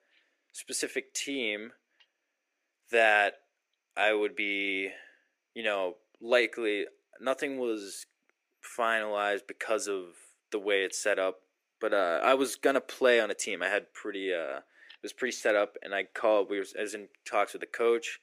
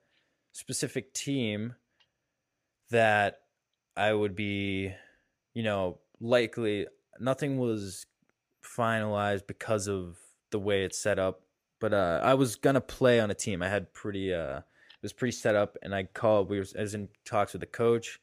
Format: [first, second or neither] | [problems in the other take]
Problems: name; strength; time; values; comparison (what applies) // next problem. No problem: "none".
second | thin; somewhat; fading below 300 Hz